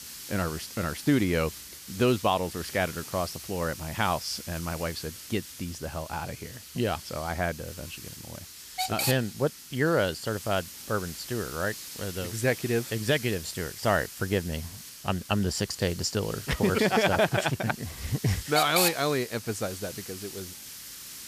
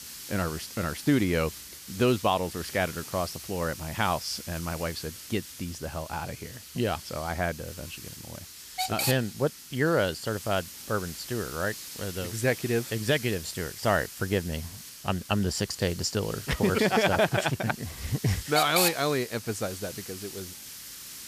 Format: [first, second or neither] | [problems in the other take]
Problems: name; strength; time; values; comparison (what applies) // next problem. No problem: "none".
neither | hiss; loud; throughout; 8 dB below the speech; the same in both